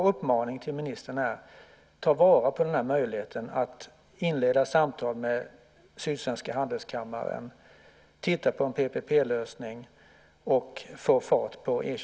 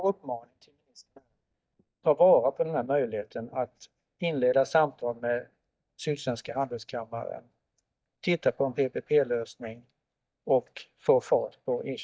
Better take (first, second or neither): first